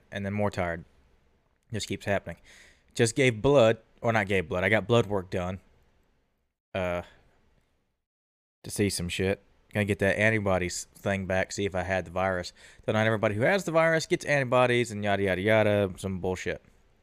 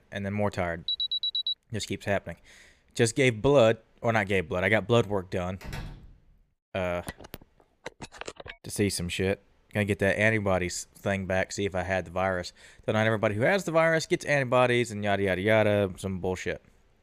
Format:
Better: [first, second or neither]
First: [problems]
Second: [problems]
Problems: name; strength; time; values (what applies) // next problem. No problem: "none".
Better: first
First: none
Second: alarm; loud; at 1 s; peak level with the speech // door banging; faint; at 5.5 s; peak 15 dB below the speech // phone ringing; faint; from 7 to 8.5 s; peak 15 dB below the speech